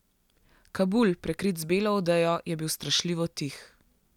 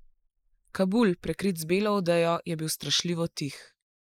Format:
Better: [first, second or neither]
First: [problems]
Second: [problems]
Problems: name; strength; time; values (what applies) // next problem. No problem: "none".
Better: first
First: none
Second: noise reduction (neural mask model Resemble Enhance denoiser)